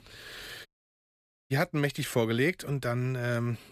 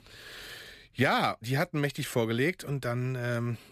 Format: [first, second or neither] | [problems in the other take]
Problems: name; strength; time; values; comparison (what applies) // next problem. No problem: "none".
second | audio cutting out; at 0.5 s for 1 s